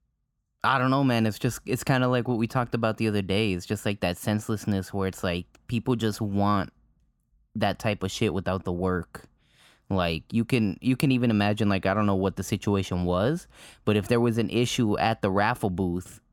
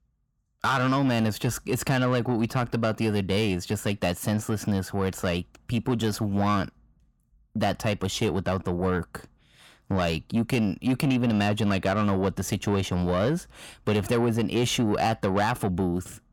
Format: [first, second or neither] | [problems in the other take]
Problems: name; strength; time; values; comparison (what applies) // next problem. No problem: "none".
first | distortion; slight; 10 dB below the speech